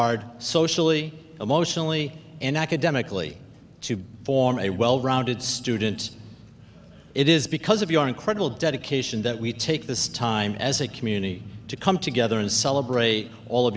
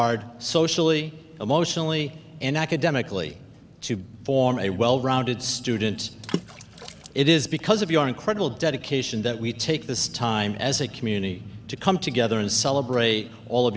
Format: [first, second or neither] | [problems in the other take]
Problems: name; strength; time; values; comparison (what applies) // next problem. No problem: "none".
first | background sound (Water / Splash, splatter); 14 dB below the speech